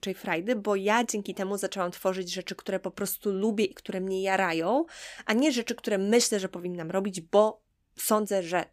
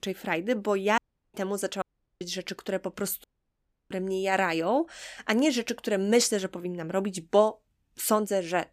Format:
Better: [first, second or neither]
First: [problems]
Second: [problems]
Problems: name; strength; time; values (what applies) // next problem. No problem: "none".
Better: first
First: none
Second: audio cutting out; at 1 s, at 2 s and at 3 s for 0.5 s